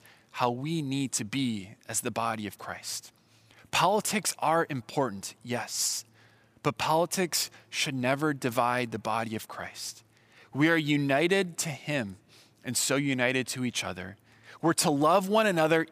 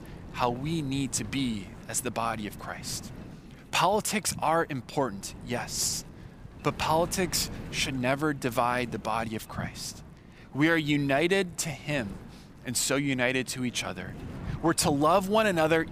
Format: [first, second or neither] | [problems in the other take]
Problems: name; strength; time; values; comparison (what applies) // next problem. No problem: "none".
first | wind noise on the microphone; occasional gusts; 20 dB below the speech